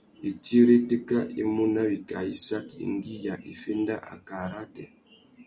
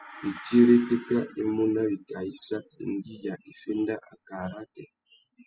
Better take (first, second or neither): first